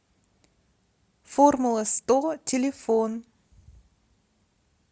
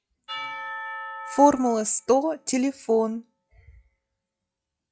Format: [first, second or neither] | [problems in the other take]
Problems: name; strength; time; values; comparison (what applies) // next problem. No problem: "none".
first | noise reduction (classical method log-MMSE)